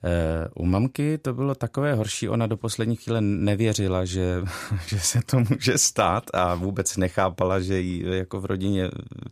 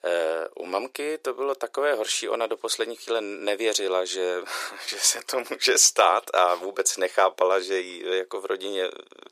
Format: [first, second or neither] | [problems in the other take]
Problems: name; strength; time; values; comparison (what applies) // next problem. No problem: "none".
first | thin; very; fading below 400 Hz